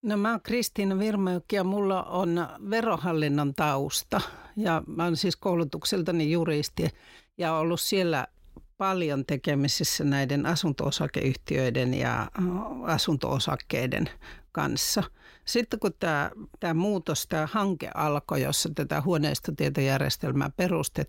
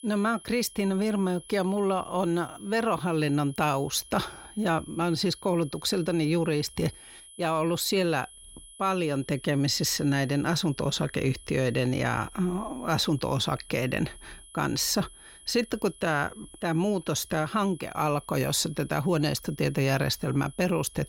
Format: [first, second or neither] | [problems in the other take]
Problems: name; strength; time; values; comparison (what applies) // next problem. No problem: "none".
first | high-pitched whine; faint; throughout; 10.5 kHz, 20 dB below the speech